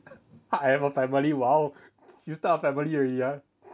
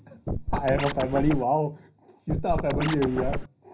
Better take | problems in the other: first | background sound (Scratching (performance technique)); 2 dB below the speech // room echo; dies away in 0.5 s

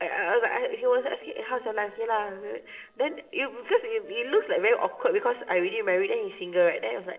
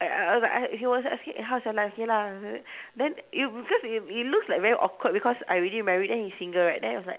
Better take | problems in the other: second | noise reduction (neural separator model SepFormer DNS4)

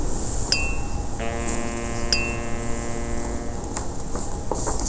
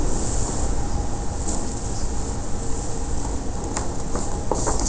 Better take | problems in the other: second | background sound (Wind instrument, woodwind instrument + Tap); 6 dB below the speech

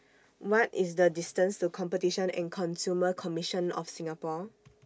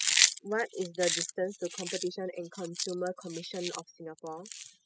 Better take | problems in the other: first | noise reduction (classical method spectral subtraction)

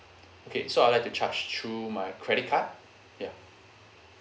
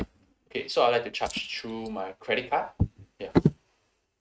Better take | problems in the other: first | noise reduction (neural mask model RNNoise)

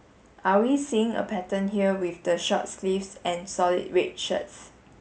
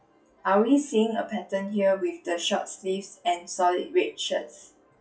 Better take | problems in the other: first | noise reduction (classical method WPE with log-MMSE)

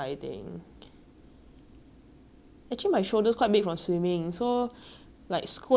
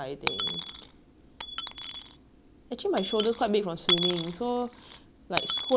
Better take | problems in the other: first | background sound (Coin (dropping) / Dishes, pots, and pans); 3 dB below the speech

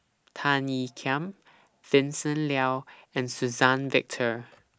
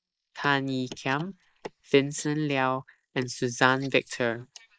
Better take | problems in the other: first | noise reduction (neural mask model Resemble Enhance denoiser)

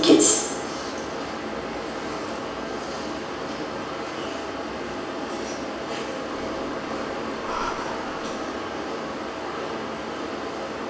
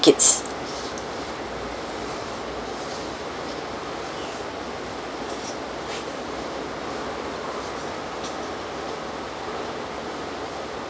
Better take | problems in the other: second | background sound (Breathing); 12 dB below the speech // room echo; dies away in 0.9 s

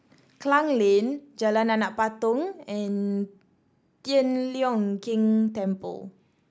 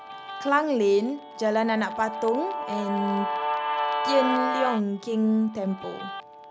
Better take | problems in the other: first | background sound (Guitar); 5 dB below the speech

